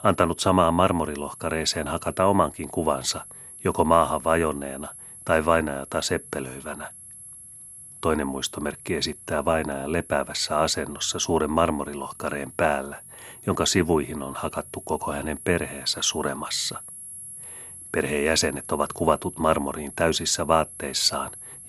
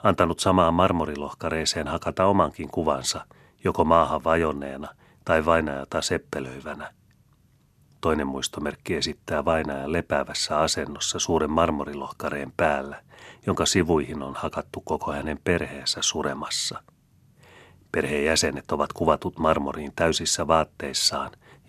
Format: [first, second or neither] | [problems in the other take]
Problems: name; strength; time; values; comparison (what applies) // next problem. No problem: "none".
second | high-pitched whine; noticeable; throughout; 11 kHz, 15 dB below the speech